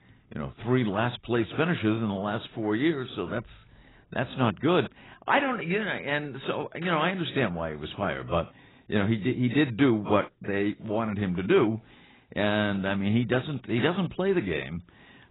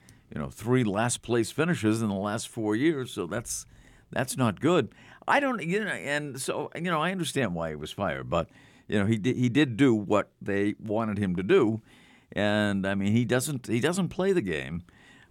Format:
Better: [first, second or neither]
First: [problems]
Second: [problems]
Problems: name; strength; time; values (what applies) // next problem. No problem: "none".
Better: second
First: garbled, watery; badly; nothing above 4 kHz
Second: none